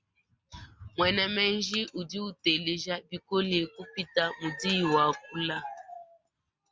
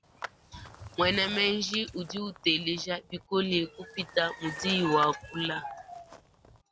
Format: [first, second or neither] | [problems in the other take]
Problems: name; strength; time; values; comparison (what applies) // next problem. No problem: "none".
first | background sound (Walk, footsteps + Clapping); 18 dB below the speech